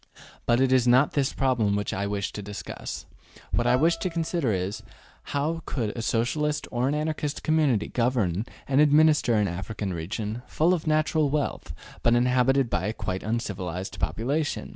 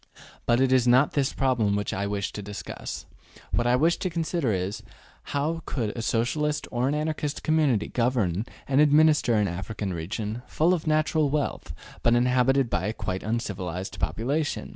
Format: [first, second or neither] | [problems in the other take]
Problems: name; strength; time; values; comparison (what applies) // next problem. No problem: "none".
second | background sound (Bowed string instrument); 19 dB below the speech